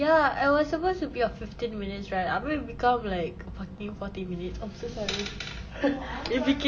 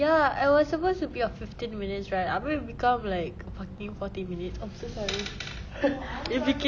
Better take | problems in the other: second | room echo; dies away in 0.2 s

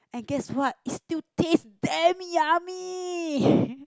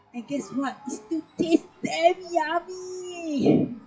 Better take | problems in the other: first | noise reduction (classical method WPE with log-MMSE)

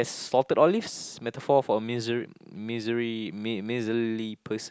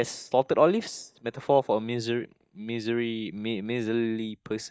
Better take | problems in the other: first | noise reduction (neural mask model DeepFilterNet 3)

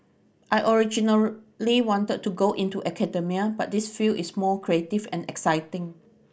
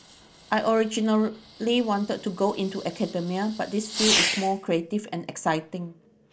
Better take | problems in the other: first | background sound (Fireworks); 7 dB below the speech

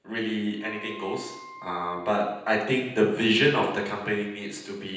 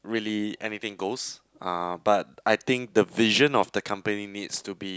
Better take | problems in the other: second | background sound (Wind instrument, woodwind instrument); 19 dB below the speech // room echo; dies away in 0.9 s

